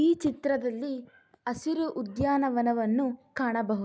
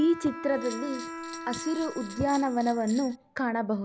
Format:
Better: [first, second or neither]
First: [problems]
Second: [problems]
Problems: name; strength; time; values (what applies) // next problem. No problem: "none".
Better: first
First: none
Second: background sound (Bowed string instrument + Bell); 12 dB below the speech